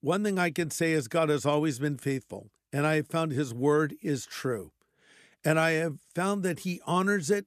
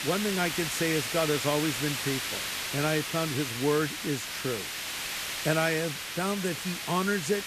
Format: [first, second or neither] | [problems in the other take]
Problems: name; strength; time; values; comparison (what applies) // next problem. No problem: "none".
first | hiss; loud; throughout; 2 dB below the speech